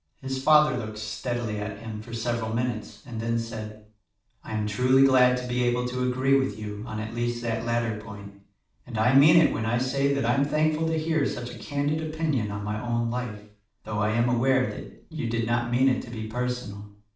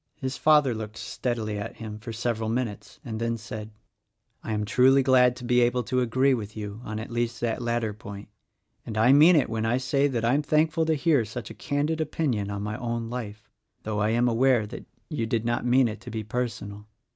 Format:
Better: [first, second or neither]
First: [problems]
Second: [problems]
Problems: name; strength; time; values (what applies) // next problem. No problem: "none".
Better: second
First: room echo; dies away in 0.5 s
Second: none